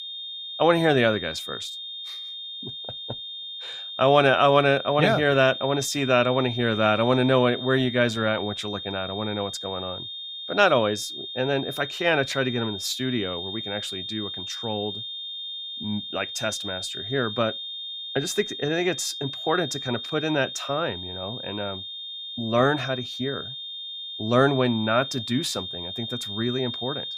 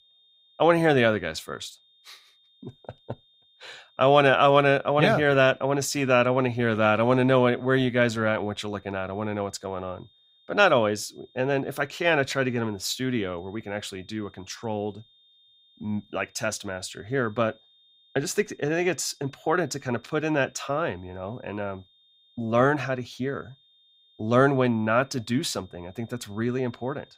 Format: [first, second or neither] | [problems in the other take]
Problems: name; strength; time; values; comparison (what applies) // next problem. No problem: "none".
second | high-pitched whine; loud; throughout; 3.5 kHz, 8 dB below the speech; faint in the second